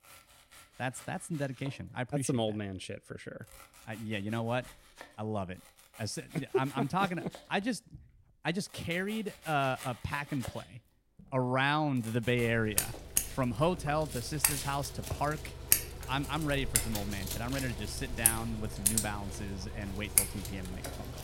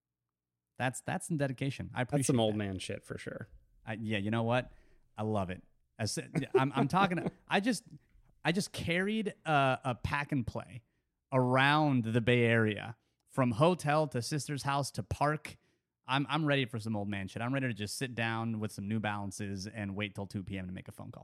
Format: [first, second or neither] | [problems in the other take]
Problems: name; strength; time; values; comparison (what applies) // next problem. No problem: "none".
second | household noises; very loud; throughout; 1 dB above the speech